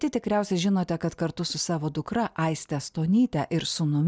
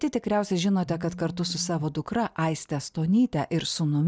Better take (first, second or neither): first